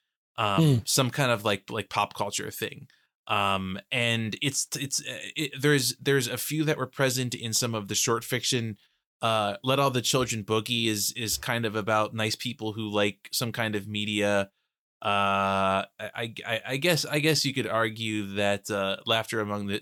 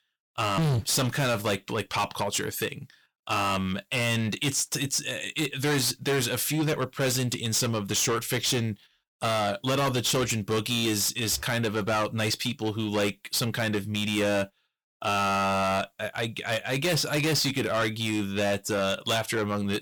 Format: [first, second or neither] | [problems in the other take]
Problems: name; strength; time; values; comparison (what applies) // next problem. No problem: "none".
first | distortion; heavy; 7 dB below the speech